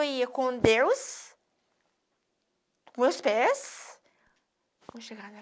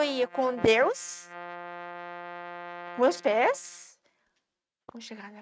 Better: first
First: none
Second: noise reduction (neural mask model RNNoise)

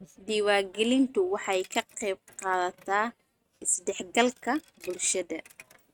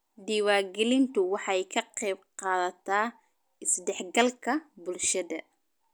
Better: second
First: noise reduction (neural mask model RNNoise)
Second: none

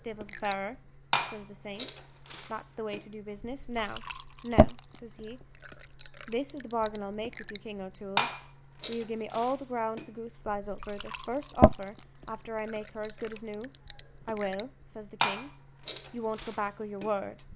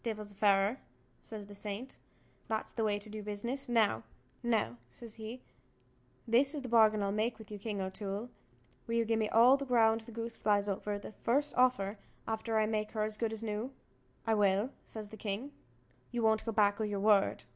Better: second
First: background sound (Fill (with liquid) / Glass); 2 dB above the speech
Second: none

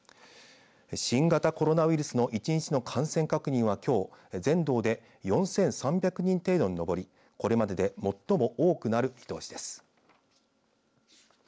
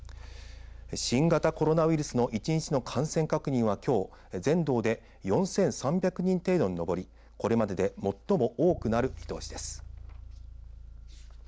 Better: first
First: none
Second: background sound (Bass guitar); 18 dB below the speech

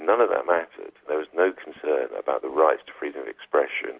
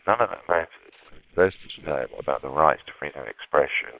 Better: first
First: none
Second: noise reduction (neural separator model SepFormer WHAM!)

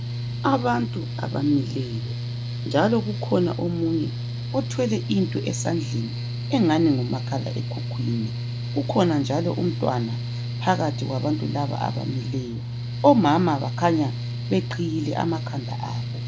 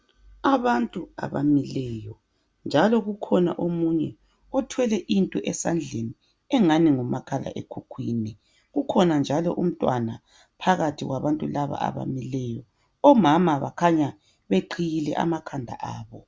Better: second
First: background sound (Mechanical fan); 4 dB below the speech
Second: none

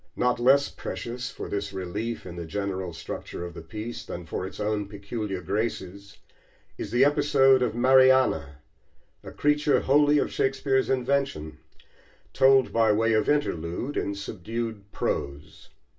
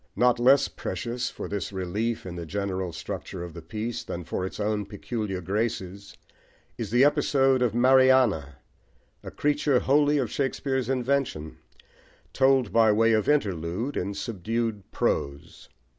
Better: second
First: room echo; dies away in 0.2 s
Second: none

